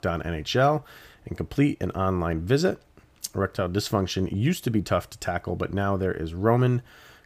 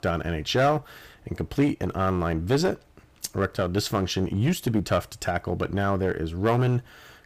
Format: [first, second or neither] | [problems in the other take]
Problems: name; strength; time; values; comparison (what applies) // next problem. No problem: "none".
first | distortion; slight; 6% of the sound clipped